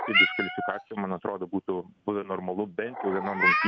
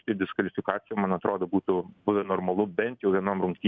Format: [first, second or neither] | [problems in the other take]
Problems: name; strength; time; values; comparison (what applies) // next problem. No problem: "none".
second | background sound (Meow); 2 dB above the speech